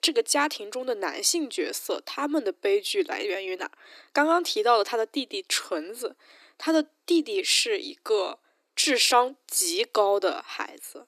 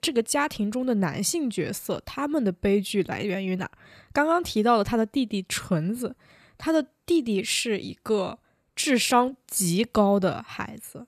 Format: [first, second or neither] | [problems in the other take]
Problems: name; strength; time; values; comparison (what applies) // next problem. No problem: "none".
second | thin; somewhat; fading below 300 Hz